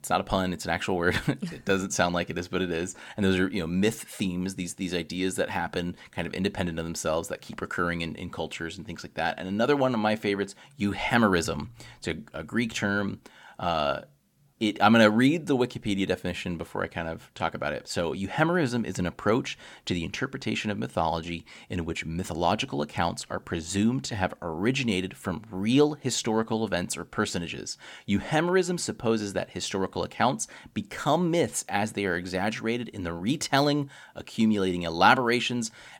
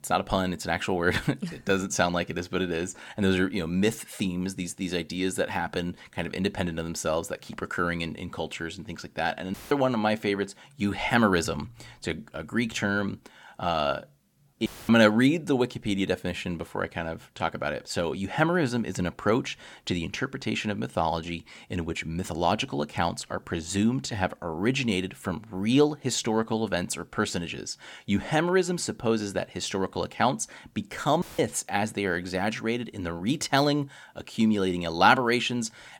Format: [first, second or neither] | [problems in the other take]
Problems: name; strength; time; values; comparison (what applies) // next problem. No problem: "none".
first | audio cutting out; filled with static; at 9.5 s, at 15 s and at 31 s